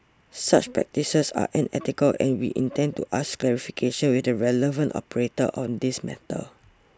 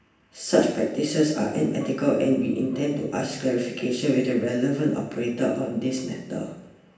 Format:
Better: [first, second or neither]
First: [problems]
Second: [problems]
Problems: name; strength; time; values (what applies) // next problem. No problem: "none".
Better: first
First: none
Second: room echo; dies away in 0.9 s